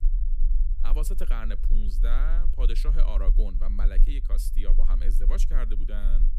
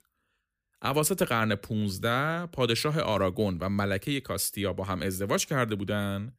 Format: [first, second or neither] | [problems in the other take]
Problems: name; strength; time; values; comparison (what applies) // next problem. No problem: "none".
second | low rumble; noticeable; throughout; 10 dB below the speech